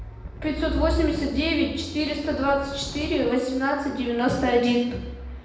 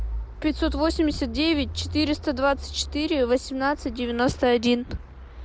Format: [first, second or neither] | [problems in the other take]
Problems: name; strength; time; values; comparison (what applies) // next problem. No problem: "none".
second | background sound (Wind); 13 dB below the speech // room echo; dies away in 0.9 s